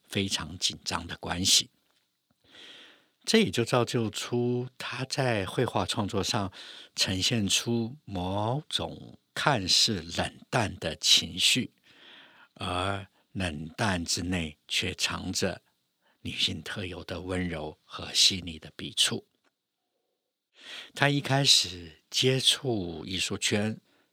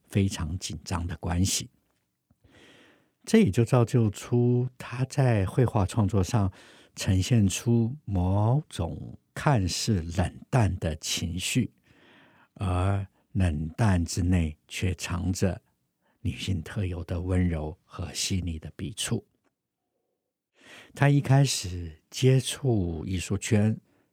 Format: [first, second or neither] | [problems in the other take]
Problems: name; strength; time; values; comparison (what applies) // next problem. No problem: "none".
second | thin; somewhat; fading below 750 Hz